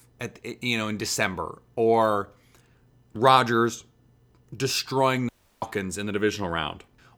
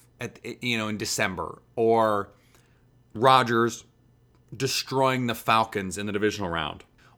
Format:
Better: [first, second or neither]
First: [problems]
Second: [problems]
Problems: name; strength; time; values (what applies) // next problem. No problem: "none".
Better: second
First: audio cutting out; at 5.5 s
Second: none